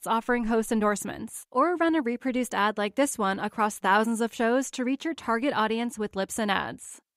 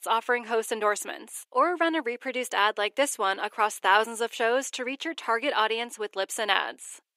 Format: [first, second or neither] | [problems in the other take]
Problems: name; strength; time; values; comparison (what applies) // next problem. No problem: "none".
first | thin; somewhat; fading below 350 Hz